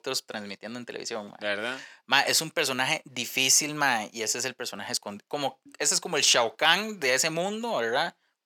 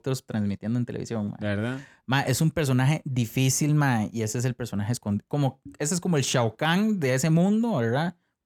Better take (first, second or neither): second